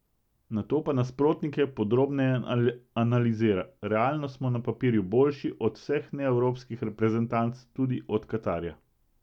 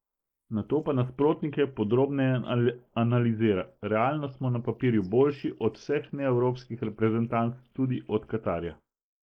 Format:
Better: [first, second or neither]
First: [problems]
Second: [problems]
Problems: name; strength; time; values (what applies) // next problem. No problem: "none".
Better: first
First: none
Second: noise reduction (neural mask model Resemble Enhance denoiser)